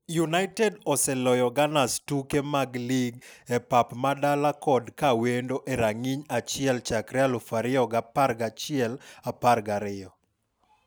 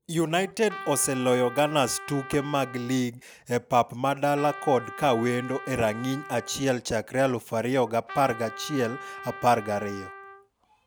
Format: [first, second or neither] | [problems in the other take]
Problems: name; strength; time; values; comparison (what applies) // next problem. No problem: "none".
first | background sound (Trumpet); 15 dB below the speech